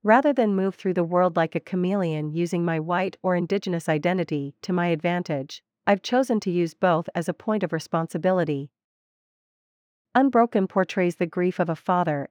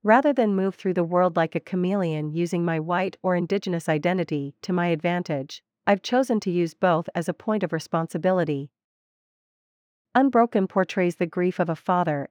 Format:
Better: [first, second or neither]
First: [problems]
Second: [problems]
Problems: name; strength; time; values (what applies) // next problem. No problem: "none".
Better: neither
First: muffled; slightly; fading above 4 kHz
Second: muffled; slightly; fading above 4 kHz